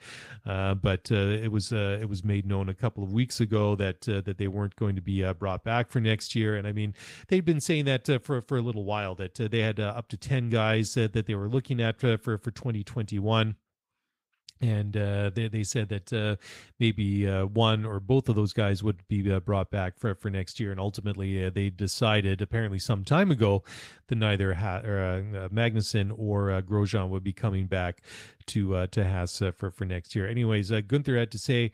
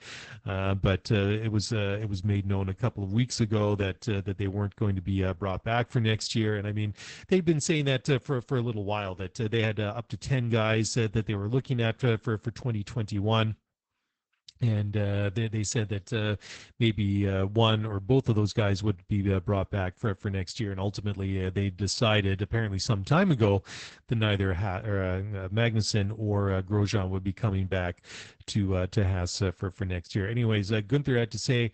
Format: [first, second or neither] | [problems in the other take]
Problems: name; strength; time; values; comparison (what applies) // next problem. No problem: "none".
first | garbled, watery; badly; nothing above 8 kHz; slightly in the first